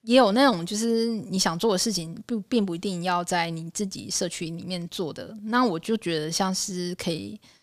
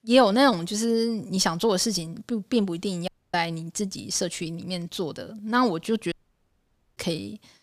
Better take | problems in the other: first | audio cutting out; at 3 s and at 6 s for 1 s

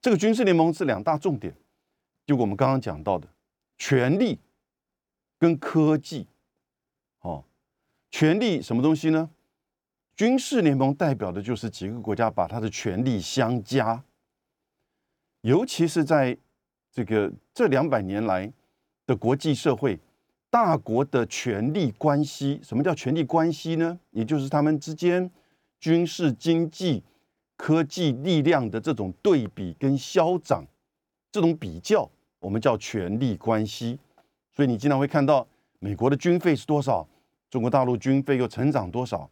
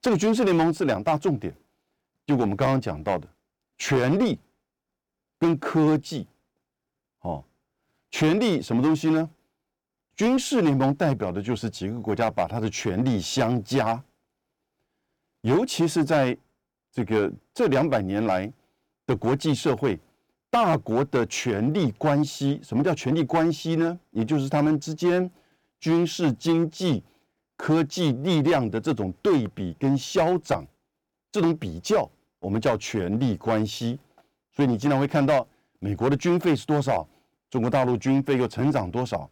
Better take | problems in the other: first | distortion; slight; 6% of the sound clipped

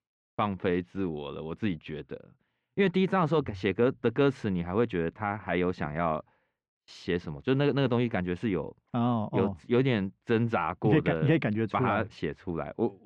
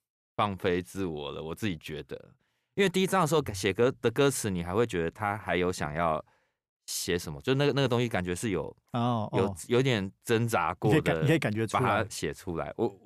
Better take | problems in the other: second | muffled; slightly; fading above 3 kHz

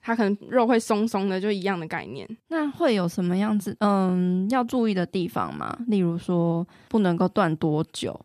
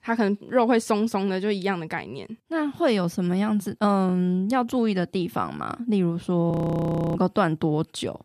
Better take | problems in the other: first | audio freezing; at 6.5 s for 0.5 s

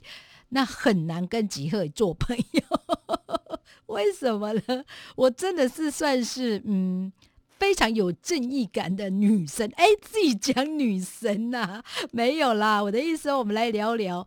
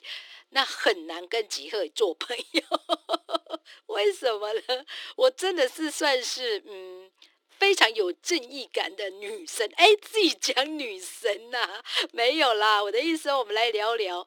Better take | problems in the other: first | thin; very; fading below 300 Hz

